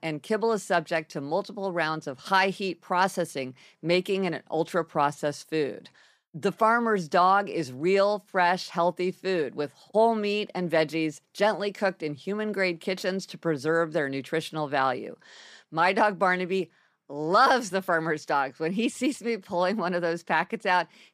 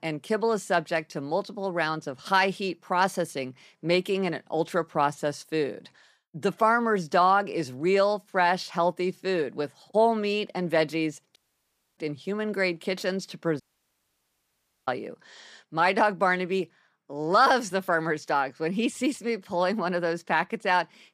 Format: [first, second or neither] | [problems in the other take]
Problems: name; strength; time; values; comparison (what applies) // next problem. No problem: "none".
first | audio cutting out; at 11 s for 0.5 s and at 14 s for 1.5 s